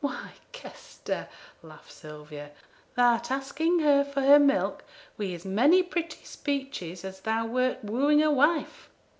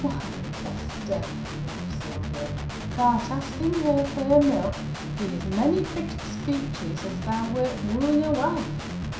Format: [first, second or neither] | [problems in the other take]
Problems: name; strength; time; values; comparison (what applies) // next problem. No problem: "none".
first | background sound (Guitar); 4 dB below the speech // room echo; dies away in 0.5 s